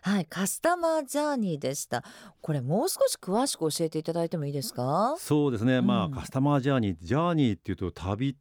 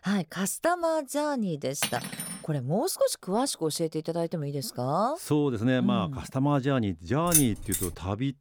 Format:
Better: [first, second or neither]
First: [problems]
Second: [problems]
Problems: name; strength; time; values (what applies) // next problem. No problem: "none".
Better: first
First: none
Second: clattering dishes; noticeable; at 2 s; peak 3 dB below the speech // jangling keys; loud; at 7.5 s; peak 4 dB above the speech